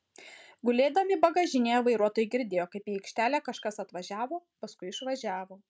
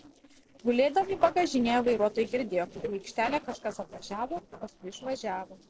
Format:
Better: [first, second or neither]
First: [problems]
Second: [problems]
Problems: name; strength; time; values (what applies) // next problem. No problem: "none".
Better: first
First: none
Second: noise reduction (neural separator model SepFormer DNS4)